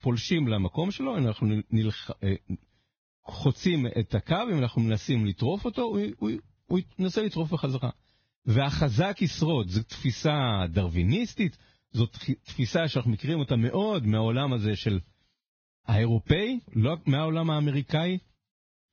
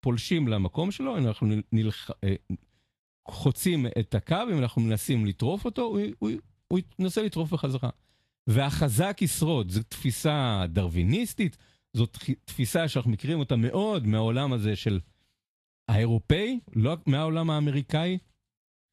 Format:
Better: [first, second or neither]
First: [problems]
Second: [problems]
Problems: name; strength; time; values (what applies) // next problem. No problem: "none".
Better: second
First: garbled, watery; badly; nothing above 6.5 kHz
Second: garbled, watery; slightly; nothing above 12.5 kHz